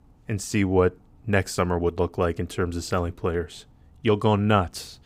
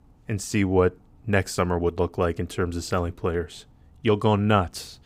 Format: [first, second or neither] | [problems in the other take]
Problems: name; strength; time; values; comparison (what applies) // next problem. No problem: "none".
neither | none